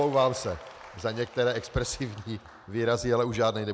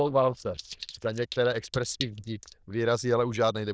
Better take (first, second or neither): first